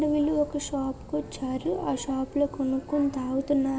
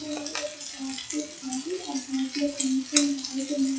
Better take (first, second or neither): first